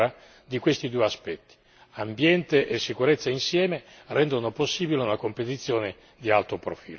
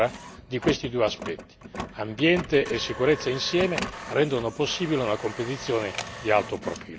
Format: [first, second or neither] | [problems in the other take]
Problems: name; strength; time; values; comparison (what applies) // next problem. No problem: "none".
first | background sound (Printer); 11 dB below the speech